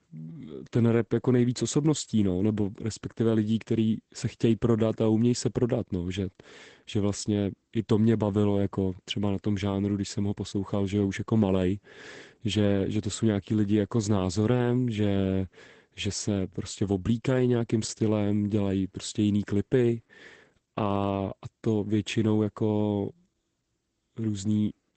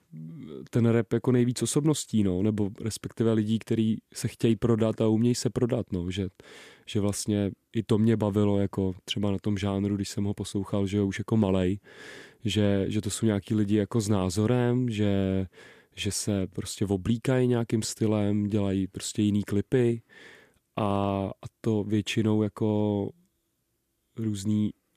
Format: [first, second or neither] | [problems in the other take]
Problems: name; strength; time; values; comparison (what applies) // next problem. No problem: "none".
second | garbled, watery; badly; nothing above 8 kHz